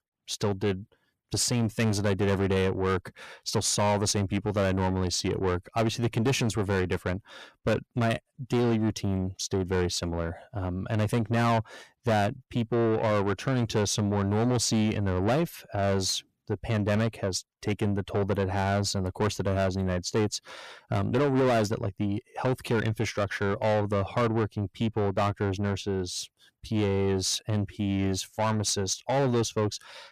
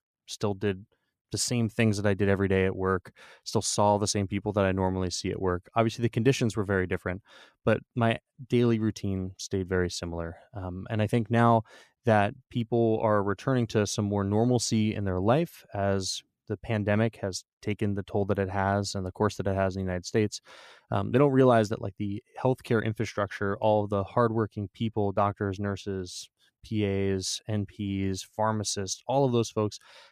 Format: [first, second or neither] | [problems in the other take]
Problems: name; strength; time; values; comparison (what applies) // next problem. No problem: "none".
second | distortion; heavy; 8 dB below the speech